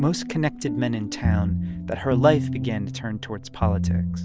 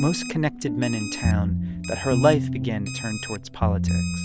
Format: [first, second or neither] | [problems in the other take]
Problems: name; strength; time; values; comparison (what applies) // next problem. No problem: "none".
first | background sound (Alarm); 15 dB below the speech